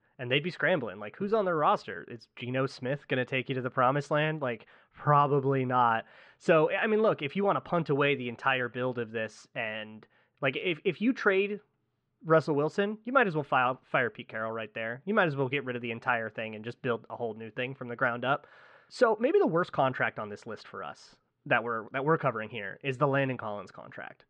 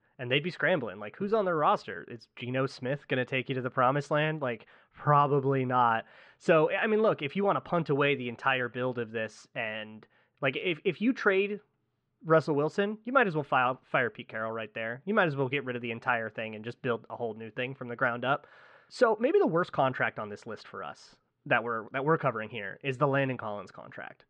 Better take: neither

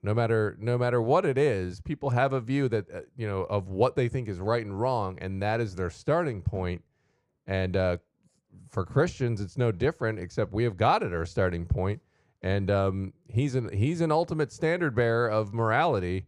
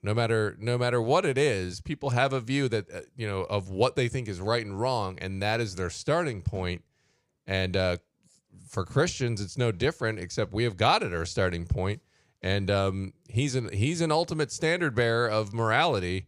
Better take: second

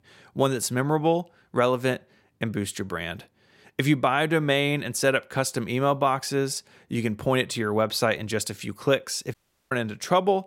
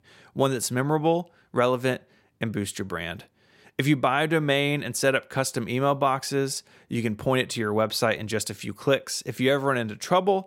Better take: second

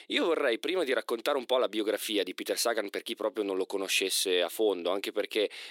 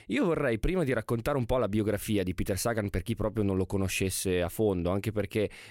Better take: second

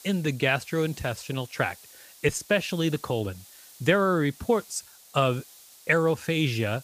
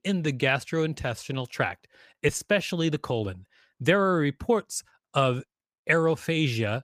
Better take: second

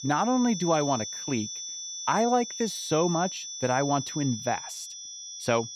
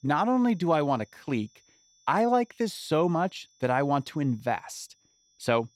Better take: second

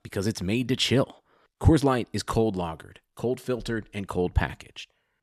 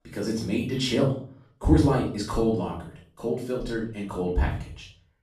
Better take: first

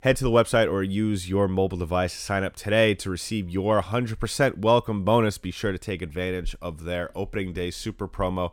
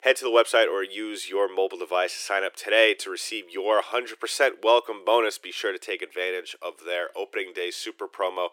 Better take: first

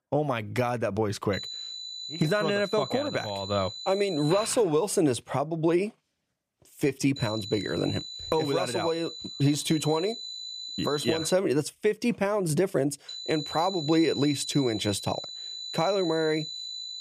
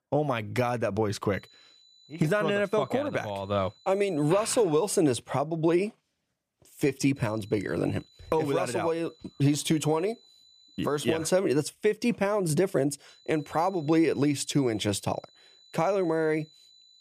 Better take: second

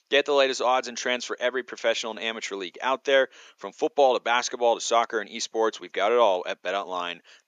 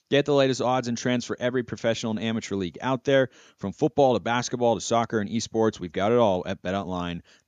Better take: second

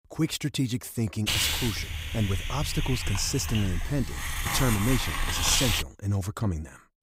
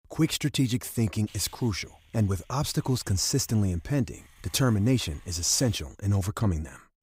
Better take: second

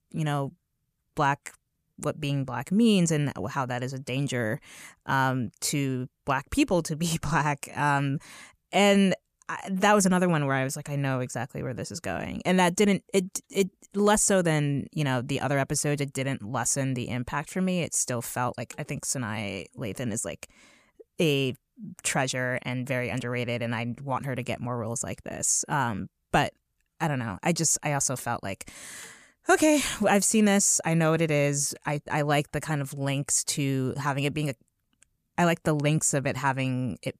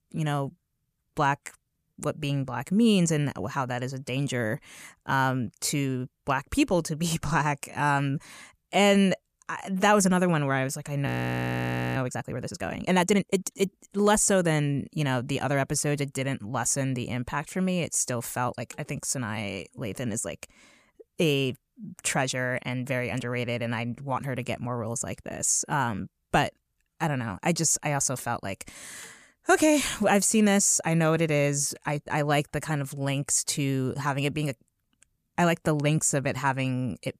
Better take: first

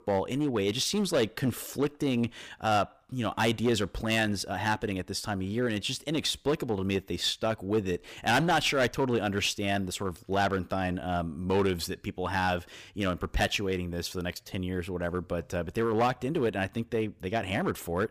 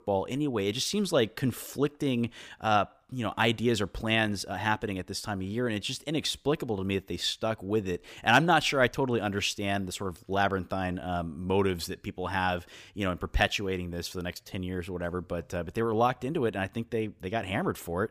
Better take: second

